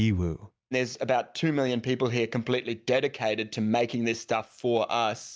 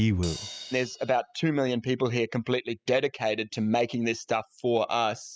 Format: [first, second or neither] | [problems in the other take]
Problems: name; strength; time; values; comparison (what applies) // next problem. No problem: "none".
first | noise reduction (classical method spectral subtraction)